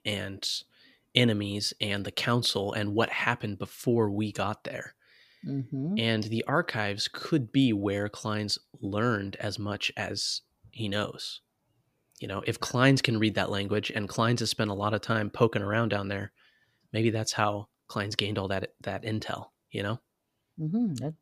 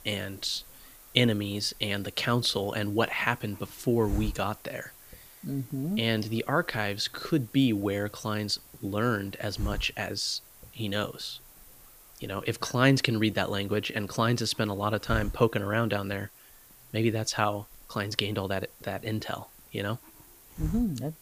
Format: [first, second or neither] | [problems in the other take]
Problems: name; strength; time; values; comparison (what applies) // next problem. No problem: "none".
first | hiss; noticeable; throughout; 15 dB below the speech